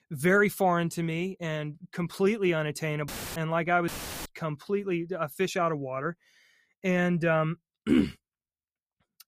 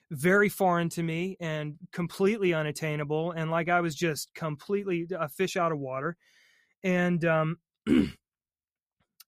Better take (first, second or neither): second